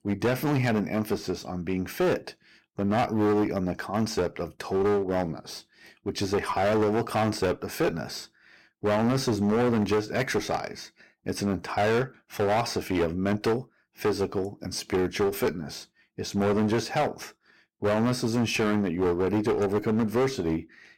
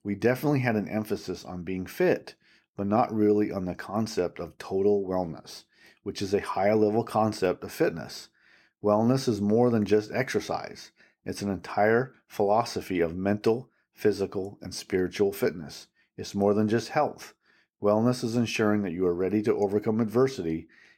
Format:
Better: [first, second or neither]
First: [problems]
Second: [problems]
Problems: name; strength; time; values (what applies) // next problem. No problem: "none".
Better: second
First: distortion; heavy; 16% of the sound clipped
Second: none